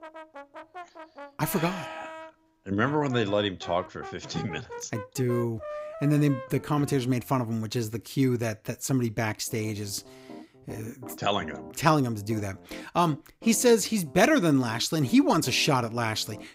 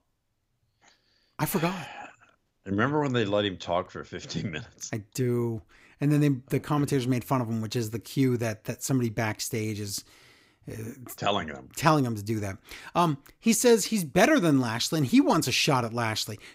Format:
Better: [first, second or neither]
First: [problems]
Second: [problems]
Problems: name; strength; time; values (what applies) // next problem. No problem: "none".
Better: second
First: background music; noticeable; throughout; 15 dB below the speech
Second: none